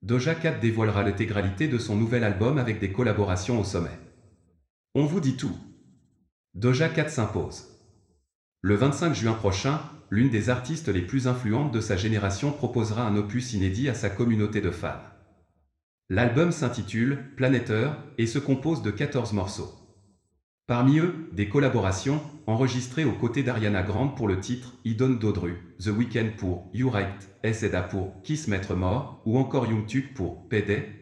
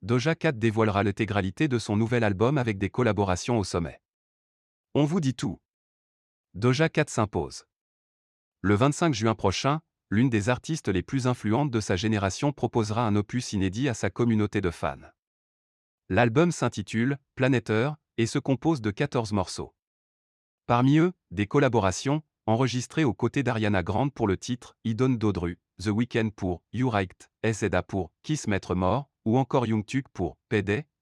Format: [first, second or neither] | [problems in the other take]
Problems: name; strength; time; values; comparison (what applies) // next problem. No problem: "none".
second | room echo; slight; dies away in 0.7 s